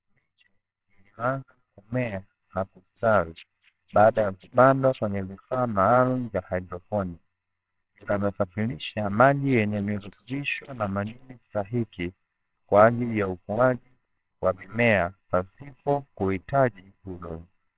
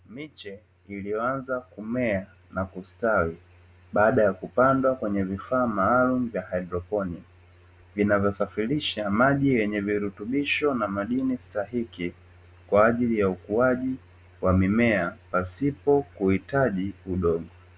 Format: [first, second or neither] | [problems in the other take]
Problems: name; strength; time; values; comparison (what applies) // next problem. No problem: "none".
second | noise reduction (neural separator model SepFormer WHAMR!)